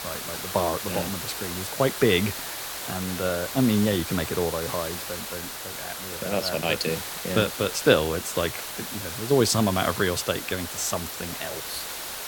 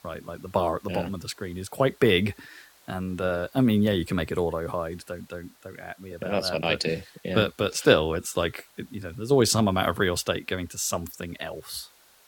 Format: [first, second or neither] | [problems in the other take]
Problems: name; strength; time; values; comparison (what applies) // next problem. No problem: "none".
second | hiss; loud; throughout; 6 dB below the speech; faint in the second